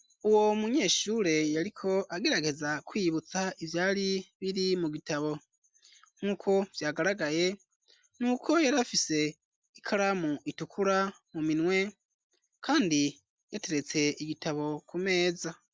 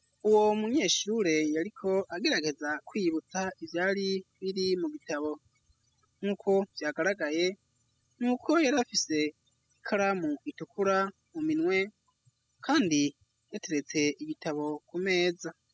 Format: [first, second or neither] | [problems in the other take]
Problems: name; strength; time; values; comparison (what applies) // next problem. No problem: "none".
first | noise reduction (classical method spectral subtraction)